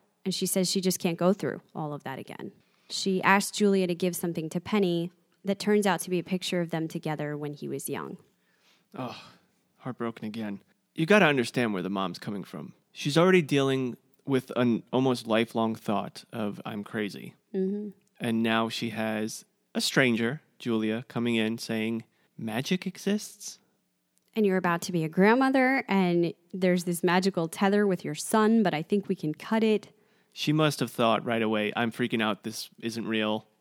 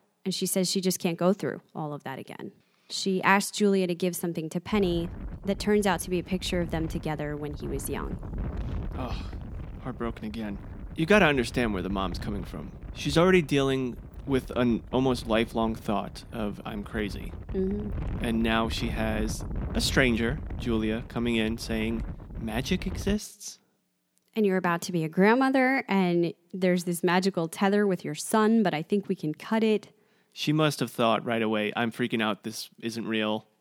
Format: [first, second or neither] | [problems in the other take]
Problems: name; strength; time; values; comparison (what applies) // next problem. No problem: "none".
first | wind noise on the microphone; occasional gusts; from 4.5 to 23 s; 20 dB below the speech